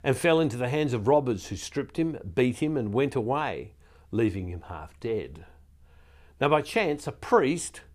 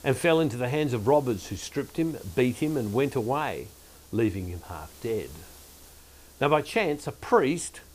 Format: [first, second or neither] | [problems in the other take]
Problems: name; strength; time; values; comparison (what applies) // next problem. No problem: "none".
first | hiss; faint; throughout; 20 dB below the speech